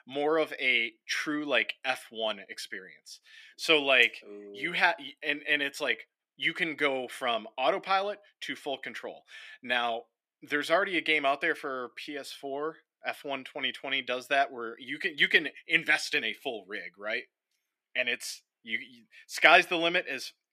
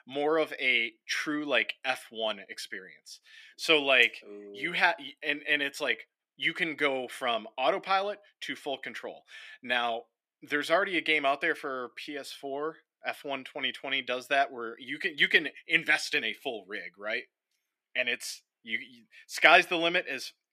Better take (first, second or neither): neither